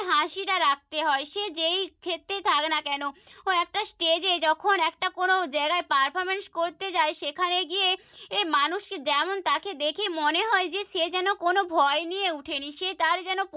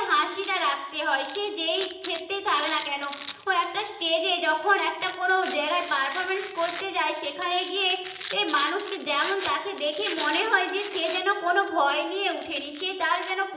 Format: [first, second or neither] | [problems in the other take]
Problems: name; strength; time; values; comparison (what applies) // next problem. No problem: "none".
first | background sound (Domestic sounds, home sounds); 15 dB below the speech // room echo; dies away in 0.8 s